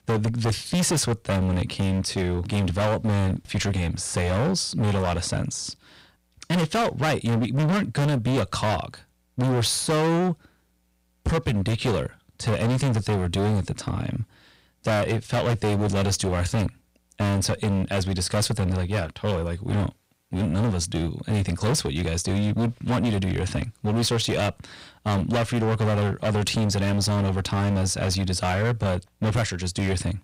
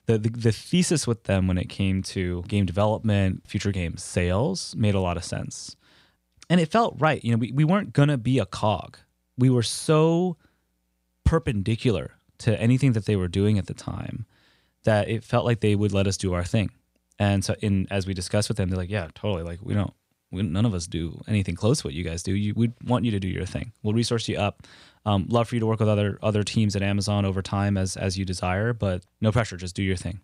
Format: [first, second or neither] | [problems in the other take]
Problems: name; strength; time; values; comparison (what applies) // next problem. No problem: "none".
second | distortion; heavy; 23% of the sound clipped